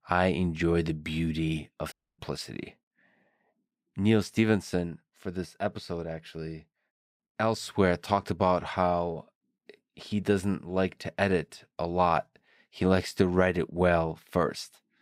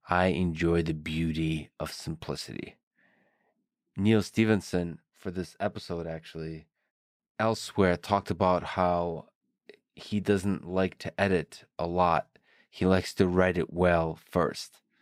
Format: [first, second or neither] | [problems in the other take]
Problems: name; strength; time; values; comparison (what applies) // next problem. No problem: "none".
second | audio cutting out; at 2 s